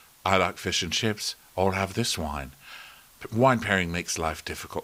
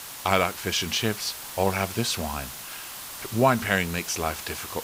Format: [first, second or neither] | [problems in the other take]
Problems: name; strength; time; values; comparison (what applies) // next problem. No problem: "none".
first | hiss; loud; throughout; 10 dB below the speech; faint in the first